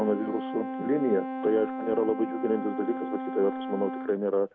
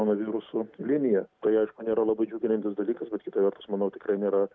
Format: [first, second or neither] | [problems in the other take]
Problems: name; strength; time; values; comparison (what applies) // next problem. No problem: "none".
second | background sound (Brass instrument); 6 dB below the speech